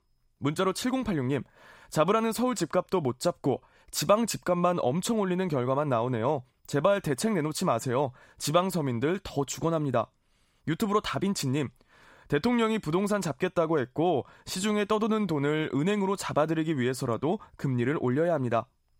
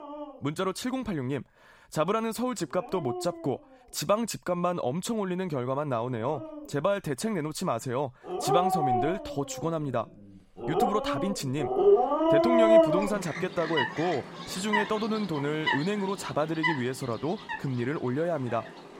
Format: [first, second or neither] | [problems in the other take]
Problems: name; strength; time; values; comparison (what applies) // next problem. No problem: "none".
first | animal sounds; very loud; throughout; 3 dB above the speech